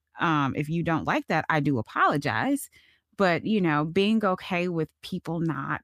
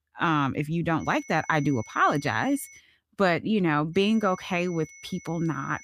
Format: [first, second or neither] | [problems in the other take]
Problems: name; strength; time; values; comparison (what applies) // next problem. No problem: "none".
first | high-pitched whine; faint; from 1 to 3 s and from 4 s on; 2 kHz, 20 dB below the speech